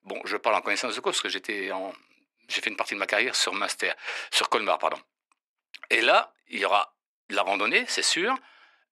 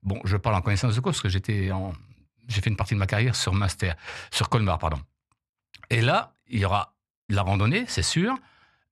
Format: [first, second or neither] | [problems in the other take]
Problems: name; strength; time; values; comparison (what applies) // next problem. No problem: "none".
second | thin; very; fading below 300 Hz